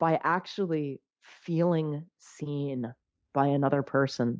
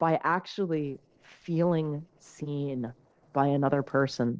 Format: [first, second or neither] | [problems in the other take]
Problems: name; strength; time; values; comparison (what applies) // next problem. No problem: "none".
first | noise reduction (neural separator model SepFormer DNS4)